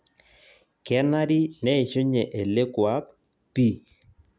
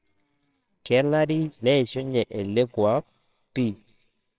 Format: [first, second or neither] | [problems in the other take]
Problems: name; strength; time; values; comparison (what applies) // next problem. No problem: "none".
first | noise reduction (neural separator model SepFormer WHAMR!)